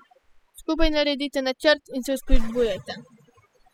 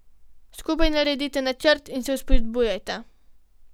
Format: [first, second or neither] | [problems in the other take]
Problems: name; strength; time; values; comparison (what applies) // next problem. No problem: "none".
second | noise reduction (classical method spectral subtraction)